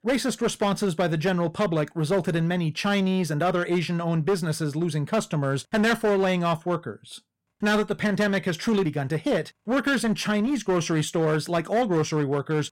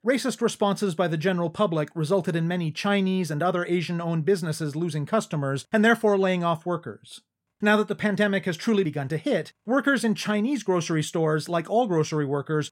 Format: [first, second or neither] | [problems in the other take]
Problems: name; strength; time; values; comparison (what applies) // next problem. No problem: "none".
second | distortion; slight; 13% of the sound clipped